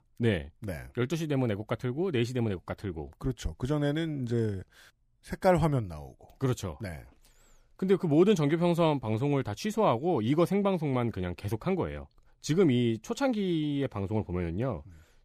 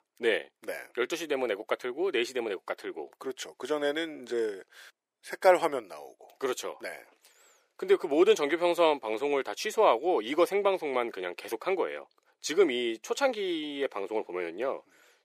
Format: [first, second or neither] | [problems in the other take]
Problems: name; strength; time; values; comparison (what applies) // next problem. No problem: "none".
first | thin; very; fading below 400 Hz